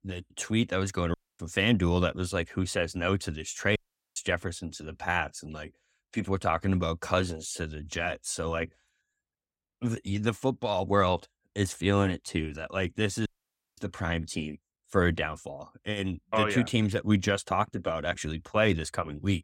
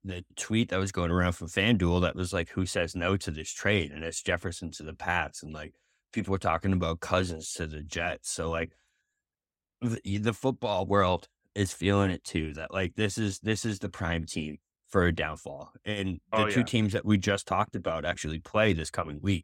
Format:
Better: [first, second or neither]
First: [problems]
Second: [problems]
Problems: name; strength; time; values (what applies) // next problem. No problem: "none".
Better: second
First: audio cutting out; at 1 s, at 4 s and at 13 s for 0.5 s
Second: none